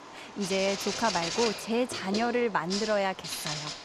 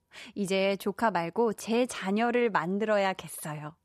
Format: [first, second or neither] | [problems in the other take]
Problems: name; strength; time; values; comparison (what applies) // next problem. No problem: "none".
second | household noises; loud; throughout; 4 dB below the speech